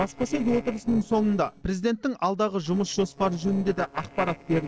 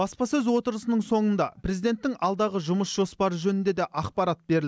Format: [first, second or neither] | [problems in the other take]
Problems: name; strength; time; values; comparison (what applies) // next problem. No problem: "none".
second | noise reduction (neural separator model SepFormer DNS4)